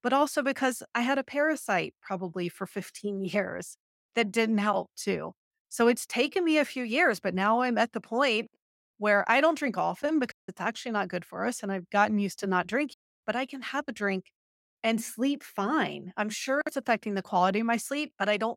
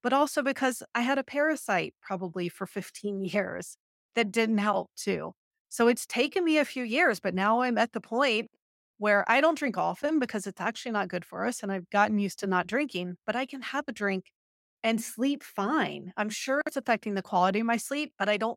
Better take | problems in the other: second | audio cutting out; at 10 s and at 13 s

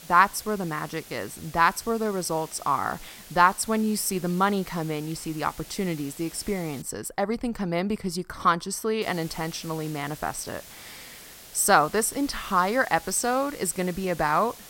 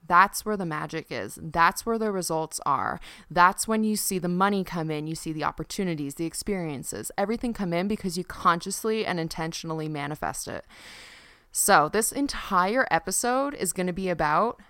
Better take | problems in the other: second | hiss; noticeable; until 7 s and from 9 s on; 20 dB below the speech

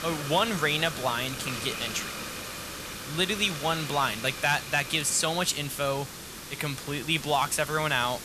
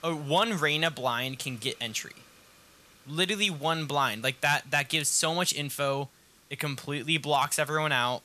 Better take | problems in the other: second | hiss; loud; throughout; 9 dB below the speech; faint in the second

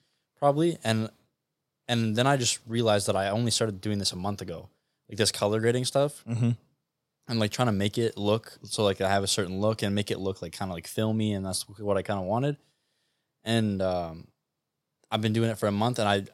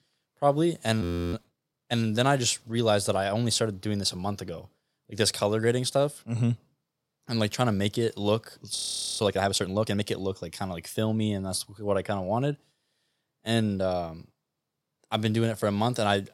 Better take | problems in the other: first | audio freezing; at 1 s and at 9 s

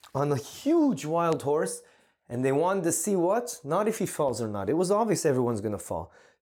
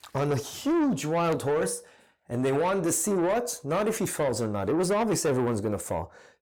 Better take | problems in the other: first | distortion; slight; 10 dB below the speech

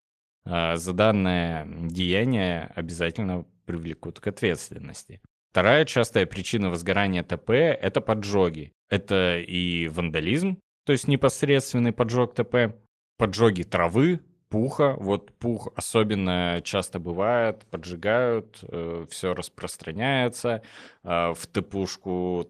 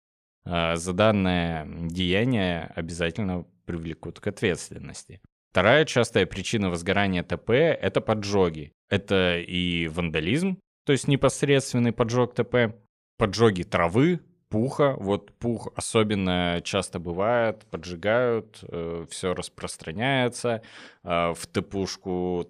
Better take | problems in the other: second | garbled, watery; slightly; nothing above 12 kHz

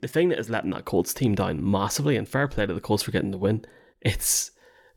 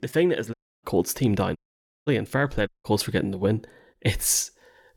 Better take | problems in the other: first | audio cutting out; at 0.5 s, at 1.5 s for 0.5 s and at 2.5 s

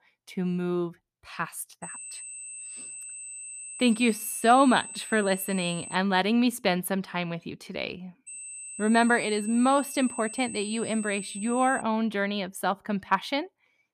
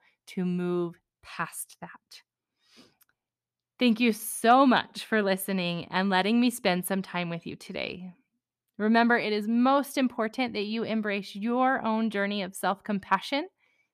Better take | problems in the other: second | high-pitched whine; noticeable; from 2 to 6 s and from 8.5 to 12 s; 8 kHz, 10 dB below the speech

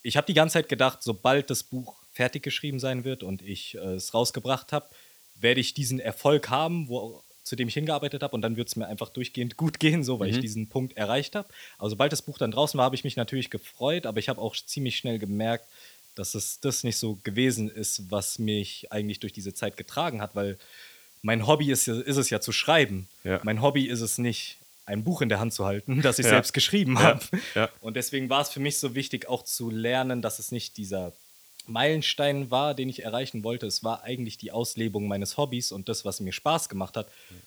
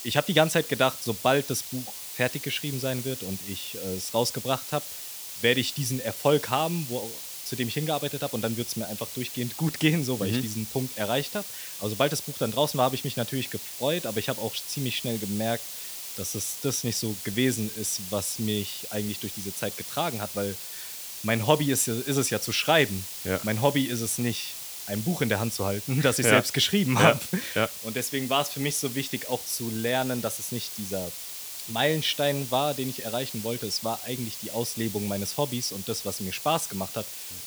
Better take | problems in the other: first | hiss; loud; throughout; 7 dB below the speech; faint in the first

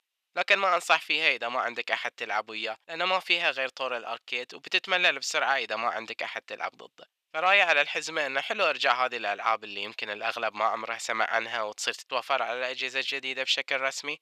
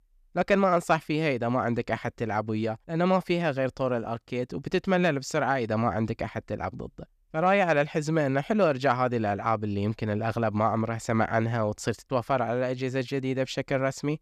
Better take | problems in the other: second | thin; very; fading below 750 Hz

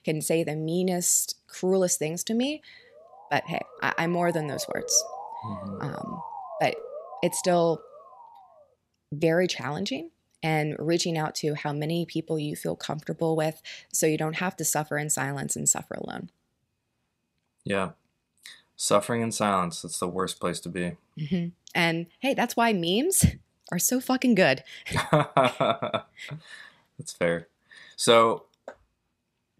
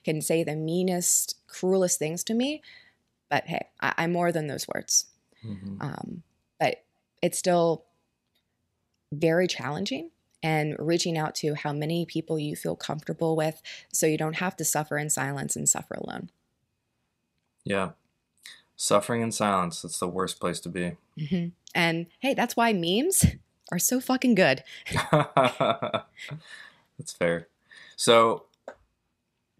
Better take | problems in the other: second | siren; faint; from 3 to 8.5 s; peak 10 dB below the speech

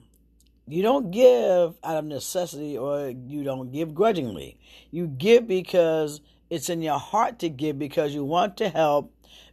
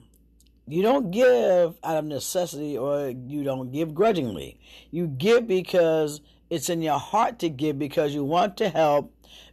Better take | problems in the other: first | distortion; slight; 10 dB below the speech

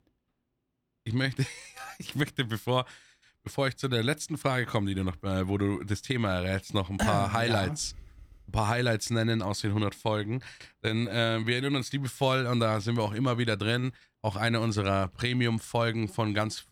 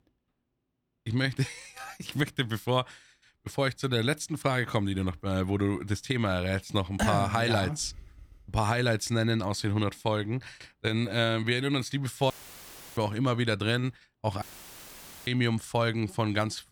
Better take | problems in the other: first | audio cutting out; filled with static; at 12 s for 0.5 s and at 14 s for 1 s

